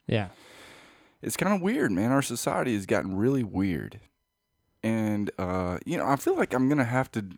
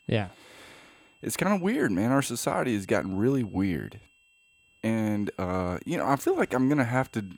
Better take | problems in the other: first | high-pitched whine; faint; throughout; 2.5 kHz, 35 dB below the speech

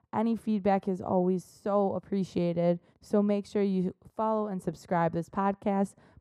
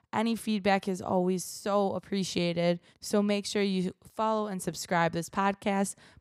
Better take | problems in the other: second | muffled; very; fading above 1.5 kHz

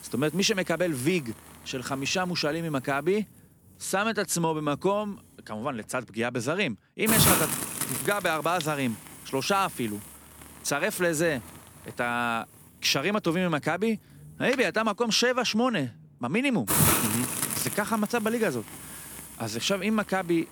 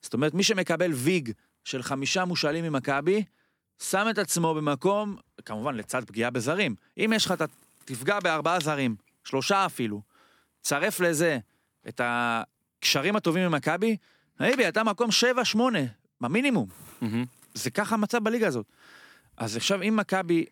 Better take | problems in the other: second | hiss; loud; throughout; as loud as the speech; faint in the second

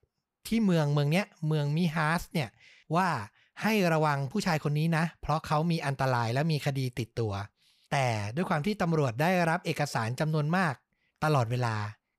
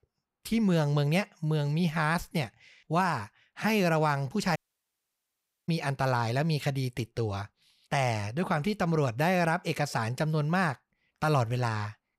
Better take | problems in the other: first | audio cutting out; at 4.5 s for 1 s

